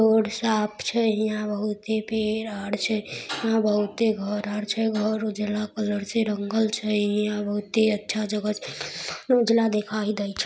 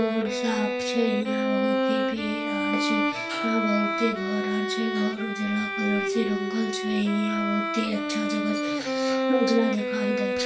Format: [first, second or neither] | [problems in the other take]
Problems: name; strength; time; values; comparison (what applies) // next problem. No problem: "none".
first | background sound (Bowed string instrument); as loud as the speech // room echo; dies away in 0.2 s